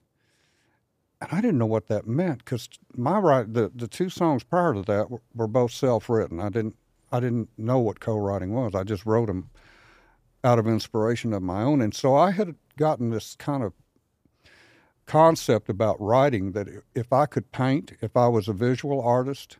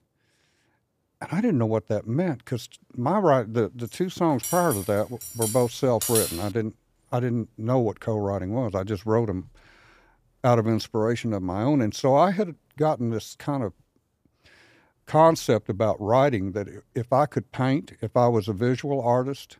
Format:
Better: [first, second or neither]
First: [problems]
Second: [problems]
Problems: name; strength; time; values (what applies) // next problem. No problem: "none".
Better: first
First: none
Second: clattering dishes; loud; from 4.5 to 6.5 s; peak level with the speech